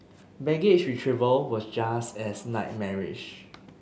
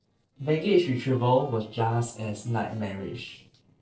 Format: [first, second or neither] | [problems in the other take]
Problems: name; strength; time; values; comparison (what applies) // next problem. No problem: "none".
first | noise reduction (neural separator model SepFormer DNS4)